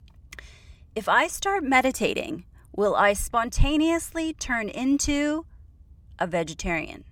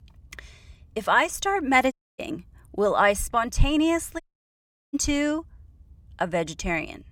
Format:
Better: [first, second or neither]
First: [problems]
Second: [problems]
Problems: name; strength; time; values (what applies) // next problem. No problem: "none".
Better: first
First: none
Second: audio cutting out; at 2 s and at 4 s for 0.5 s